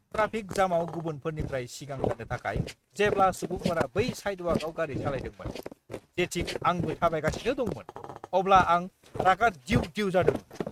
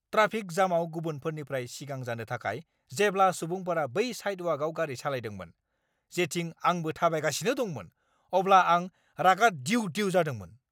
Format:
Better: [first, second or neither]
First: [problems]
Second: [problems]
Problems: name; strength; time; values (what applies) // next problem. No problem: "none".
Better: second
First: noise reduction (neural mask model RNNoise)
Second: none